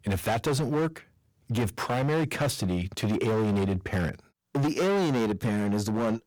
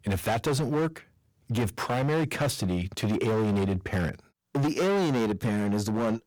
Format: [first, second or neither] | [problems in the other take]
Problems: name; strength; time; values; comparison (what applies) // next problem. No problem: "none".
neither | distortion; heavy; 22% of the sound clipped; the same in both